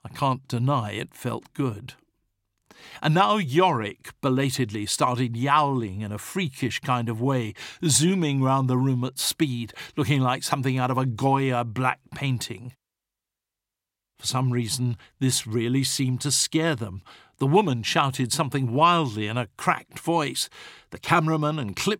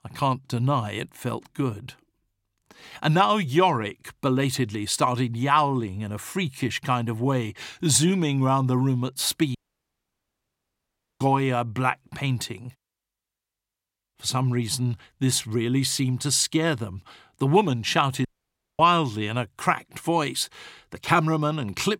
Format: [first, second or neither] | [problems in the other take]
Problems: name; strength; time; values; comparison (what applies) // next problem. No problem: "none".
first | audio cutting out; at 9.5 s for 1.5 s and at 18 s for 0.5 s